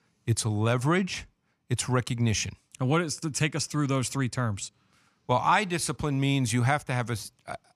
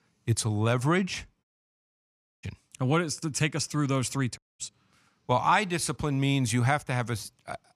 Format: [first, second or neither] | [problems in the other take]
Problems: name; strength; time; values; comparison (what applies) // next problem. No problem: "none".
first | audio cutting out; at 1.5 s for 1 s and at 4.5 s